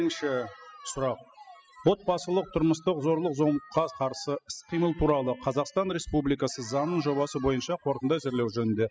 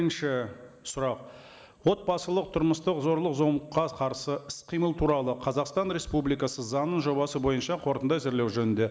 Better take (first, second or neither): second